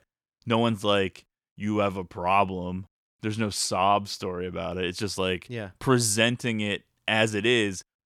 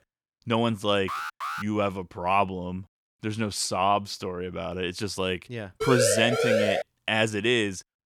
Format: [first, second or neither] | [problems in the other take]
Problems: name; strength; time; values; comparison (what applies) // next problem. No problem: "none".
first | alarm; noticeable; at 1 s; peak 5 dB below the speech // siren; loud; from 6 to 7 s; peak 3 dB above the speech